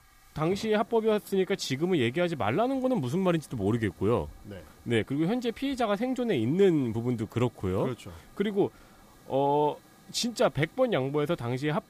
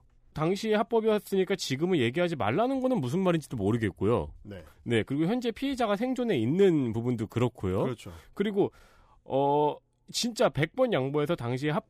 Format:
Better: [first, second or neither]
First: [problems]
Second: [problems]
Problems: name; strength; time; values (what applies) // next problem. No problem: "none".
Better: second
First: hiss; faint; throughout; 25 dB below the speech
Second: none